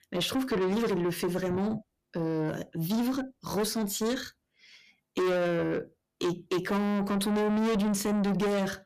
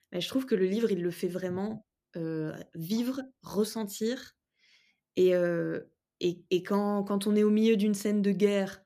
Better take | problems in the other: second | distortion; heavy; 6 dB below the speech

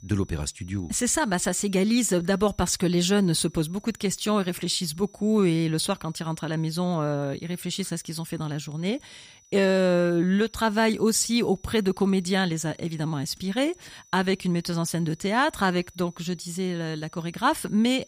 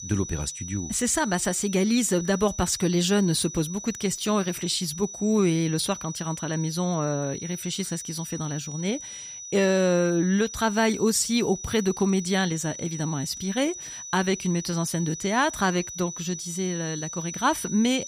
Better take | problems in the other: first | high-pitched whine; loud; throughout; 6 kHz, 10 dB below the speech; faint in the first

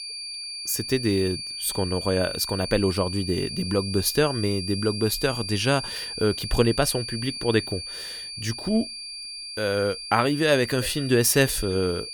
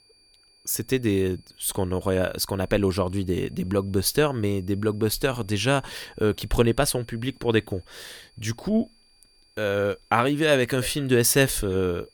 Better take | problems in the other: second | high-pitched whine; loud; throughout; 4.5 kHz, 7 dB below the speech; faint in the second

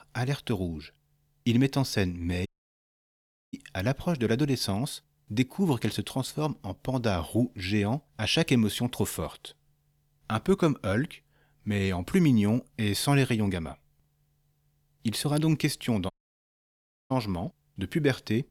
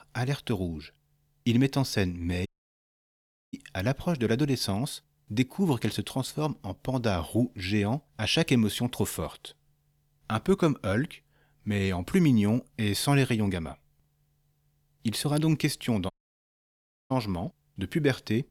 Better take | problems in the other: neither | audio cutting out; at 2.5 s for 1 s and at 16 s for 1 s; the same in both

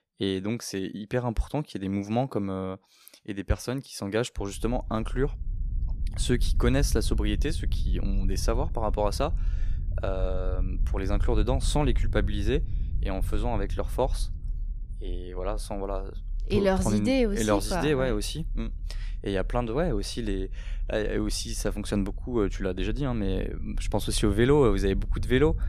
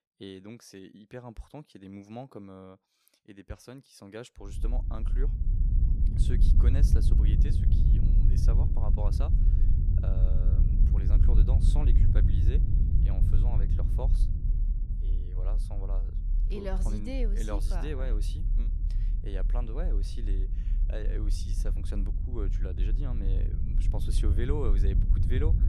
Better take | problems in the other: first | low rumble; loud; from 4.5 s on; 2 dB below the speech; faint in the first

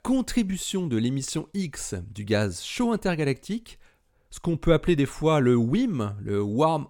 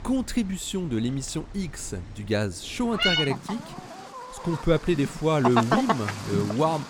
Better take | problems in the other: first | animal sounds; loud; throughout; 1 dB below the speech

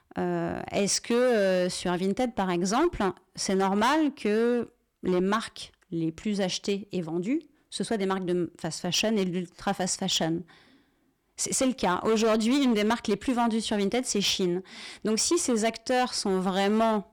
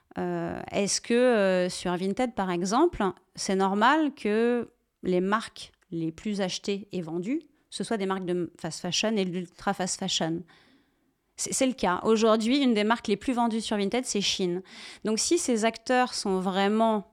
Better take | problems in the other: second | distortion; slight; 7% of the sound clipped

